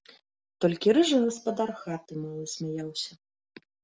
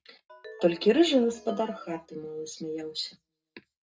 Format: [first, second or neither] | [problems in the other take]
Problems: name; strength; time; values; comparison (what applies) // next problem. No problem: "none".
first | background sound (Ringtone); 20 dB below the speech // room echo; dies away in 0.2 s